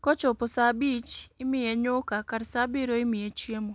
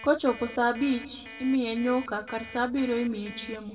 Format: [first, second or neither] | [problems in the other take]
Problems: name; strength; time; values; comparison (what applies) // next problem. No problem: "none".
first | background sound (Alarm); 18 dB below the speech // room echo; dies away in 1.5 s